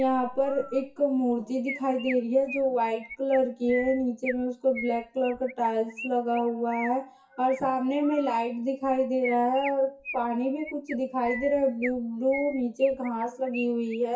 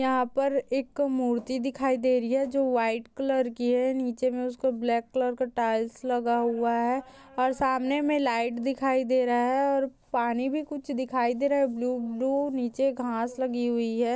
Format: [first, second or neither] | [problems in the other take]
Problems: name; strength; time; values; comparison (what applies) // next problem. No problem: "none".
second | noise reduction (classical method WPE with log-MMSE)